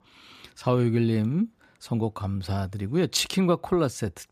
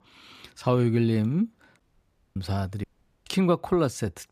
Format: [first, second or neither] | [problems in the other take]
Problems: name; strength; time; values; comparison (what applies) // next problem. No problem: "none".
first | audio cutting out; at 2 s for 0.5 s and at 3 s